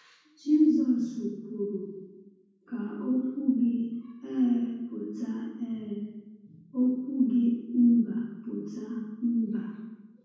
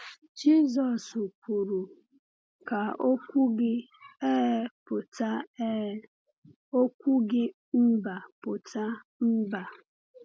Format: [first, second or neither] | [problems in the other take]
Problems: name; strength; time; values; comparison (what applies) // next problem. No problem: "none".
second | room echo; dies away in 1.1 s